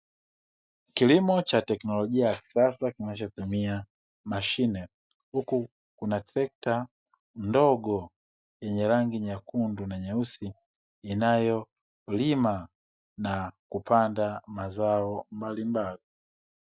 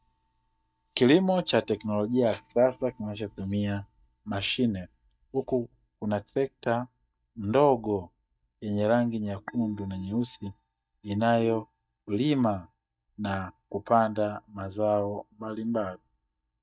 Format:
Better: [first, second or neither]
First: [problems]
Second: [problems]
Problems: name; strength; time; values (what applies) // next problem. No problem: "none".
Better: first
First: none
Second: noise reduction (neural mask model DeepFilterNet 3)